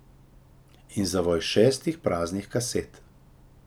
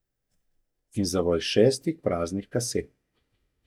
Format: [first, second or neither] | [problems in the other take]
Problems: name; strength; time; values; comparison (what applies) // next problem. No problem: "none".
first | noise reduction (neural mask model DeepFilterNet 3)